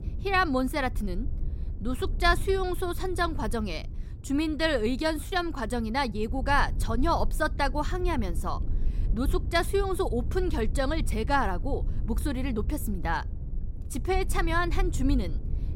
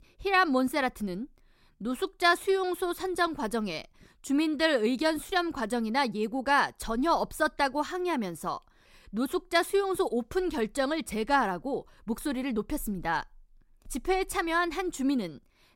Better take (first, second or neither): second